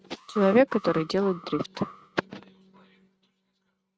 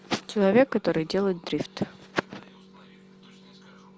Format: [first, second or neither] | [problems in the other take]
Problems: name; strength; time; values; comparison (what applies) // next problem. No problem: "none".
second | noise reduction (neural mask model RNNoise)